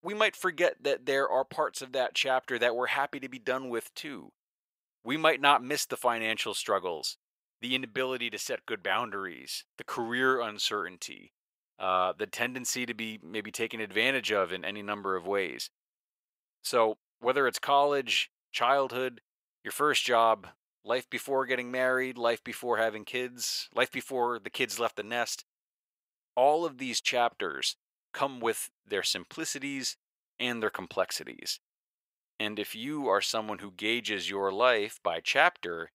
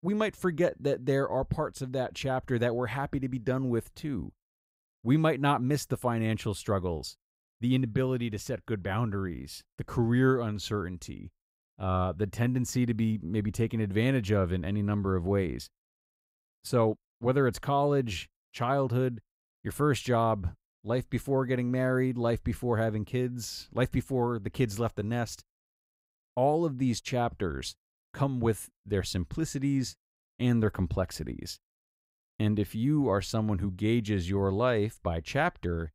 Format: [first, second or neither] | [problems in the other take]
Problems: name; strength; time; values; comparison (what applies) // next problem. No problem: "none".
second | thin; very; fading below 600 Hz